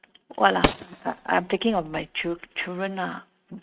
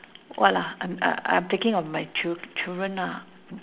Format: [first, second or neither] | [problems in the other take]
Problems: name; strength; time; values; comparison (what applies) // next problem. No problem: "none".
second | noise reduction (neural mask model RNNoise)